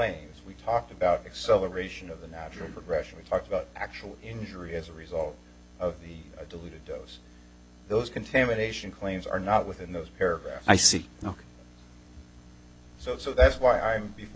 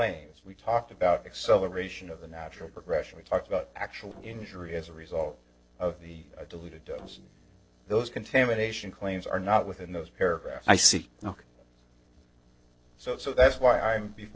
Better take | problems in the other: first | noise reduction (neural separator model SepFormer DNS4)

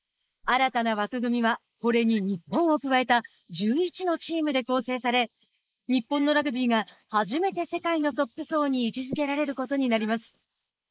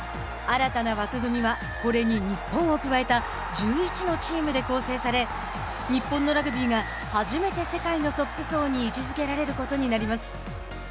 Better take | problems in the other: second | noise reduction (neural mask model Resemble Enhance denoiser)

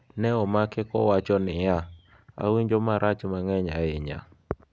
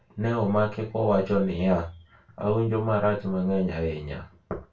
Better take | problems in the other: first | room echo; dies away in 0.2 s

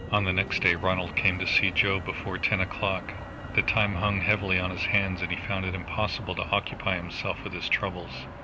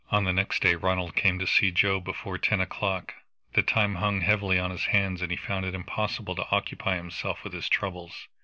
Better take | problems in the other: second | background sound (Motor vehicle (road)); 10 dB below the speech

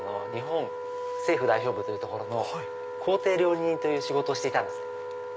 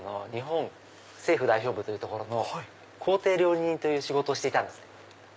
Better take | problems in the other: second | background sound (Wind instrument, woodwind instrument); 6 dB below the speech

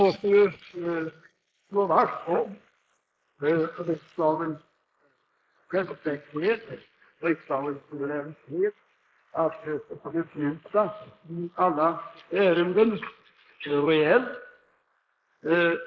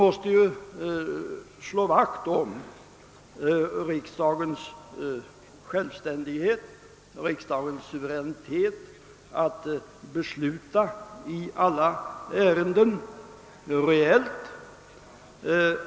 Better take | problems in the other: second | noise reduction (neural mask model Resemble Enhance denoiser)

